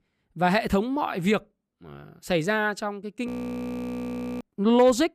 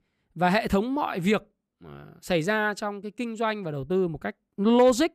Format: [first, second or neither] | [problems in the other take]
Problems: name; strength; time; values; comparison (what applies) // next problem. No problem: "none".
second | audio freezing; at 3.5 s for 1 s